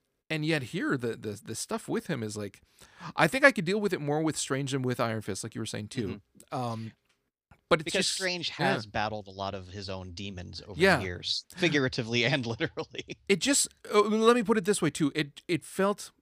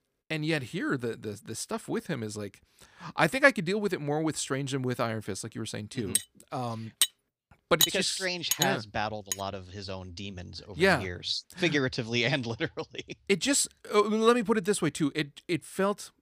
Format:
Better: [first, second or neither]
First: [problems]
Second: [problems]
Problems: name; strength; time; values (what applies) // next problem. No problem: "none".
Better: first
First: none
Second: clattering dishes; loud; from 6 to 9.5 s; peak 4 dB above the speech